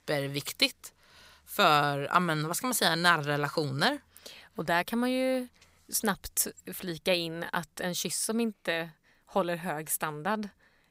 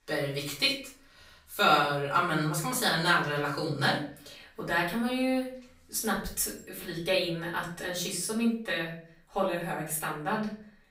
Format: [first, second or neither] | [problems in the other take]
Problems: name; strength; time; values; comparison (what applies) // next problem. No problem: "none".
first | off-mic speech; far // room echo; slight; dies away in 0.4 s